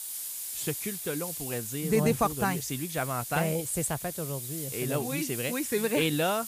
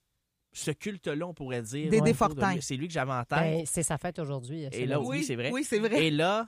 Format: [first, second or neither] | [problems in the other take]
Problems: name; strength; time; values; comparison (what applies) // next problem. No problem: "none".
second | hiss; loud; throughout; 5 dB below the speech